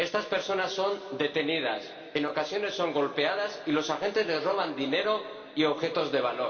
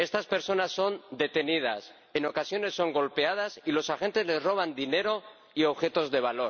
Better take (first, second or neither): second